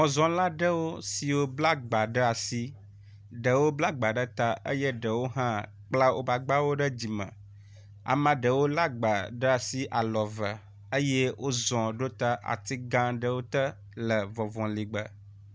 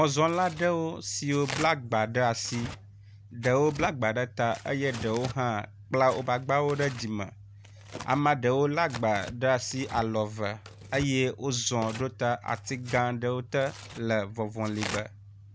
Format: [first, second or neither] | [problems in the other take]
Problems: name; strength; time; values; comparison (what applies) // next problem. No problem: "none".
first | background sound (Tearing); 16 dB below the speech